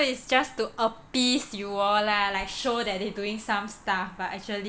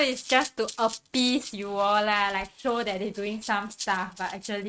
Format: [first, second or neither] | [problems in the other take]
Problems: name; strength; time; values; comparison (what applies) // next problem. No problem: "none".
first | noise reduction (neural mask model RNNoise)